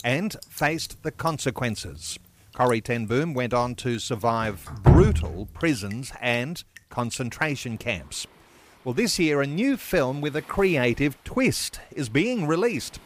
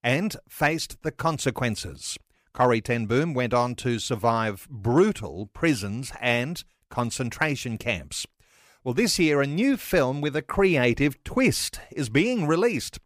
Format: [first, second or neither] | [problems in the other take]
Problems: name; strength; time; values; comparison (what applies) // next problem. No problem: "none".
second | rain or running water; very loud; throughout; 1 dB above the speech